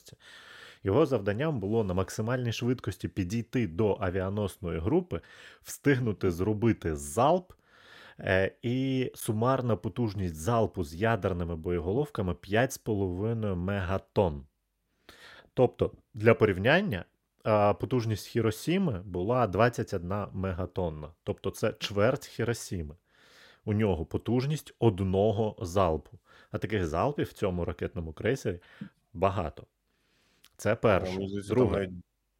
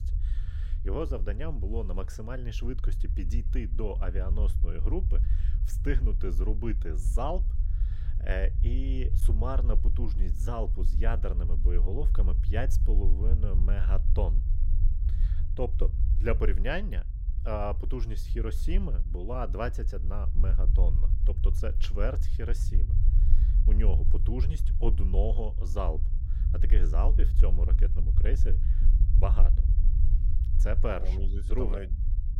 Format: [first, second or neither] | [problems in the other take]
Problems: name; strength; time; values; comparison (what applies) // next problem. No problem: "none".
first | low rumble; noticeable; throughout; 10 dB below the speech